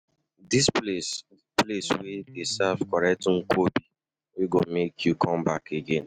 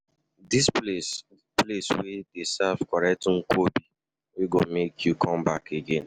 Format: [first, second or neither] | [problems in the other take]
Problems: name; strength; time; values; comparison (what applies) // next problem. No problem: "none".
second | noise reduction (neural mask model RNNoise)